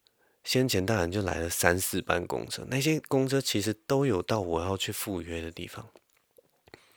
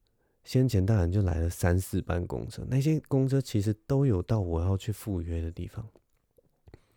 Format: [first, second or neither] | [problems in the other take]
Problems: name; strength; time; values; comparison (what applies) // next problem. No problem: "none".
second | thin; somewhat; fading below 900 Hz